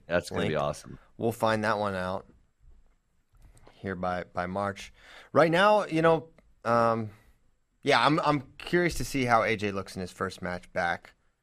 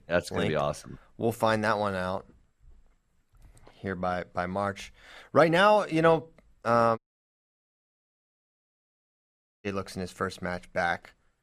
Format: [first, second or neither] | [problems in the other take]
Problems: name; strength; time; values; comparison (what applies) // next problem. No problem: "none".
first | audio cutting out; at 7 s for 2.5 s